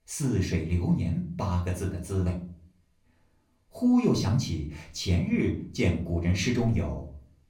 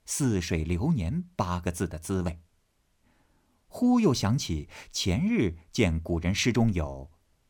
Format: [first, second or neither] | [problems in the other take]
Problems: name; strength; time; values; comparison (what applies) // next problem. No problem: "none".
second | off-mic speech; somewhat distant // room echo; slight; dies away in 0.4 s